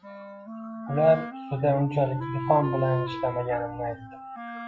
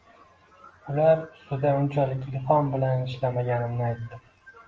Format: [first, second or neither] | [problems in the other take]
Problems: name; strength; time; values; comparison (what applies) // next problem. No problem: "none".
second | noise reduction (classical method log-MMSE)